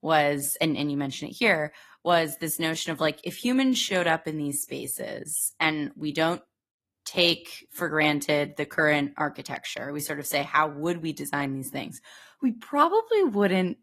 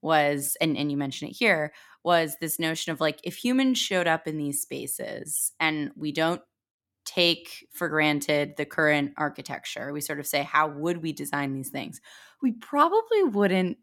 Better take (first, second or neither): second